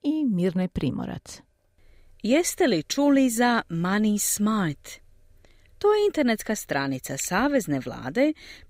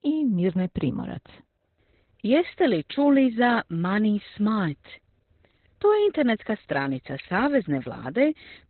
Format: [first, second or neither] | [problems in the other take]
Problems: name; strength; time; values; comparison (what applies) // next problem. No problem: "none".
first | garbled, watery; badly; nothing above 4 kHz